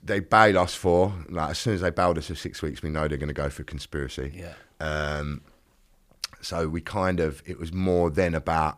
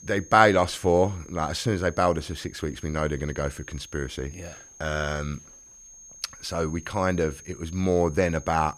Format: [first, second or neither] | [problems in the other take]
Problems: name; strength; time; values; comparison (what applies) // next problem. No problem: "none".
first | high-pitched whine; noticeable; throughout; 6.5 kHz, 20 dB below the speech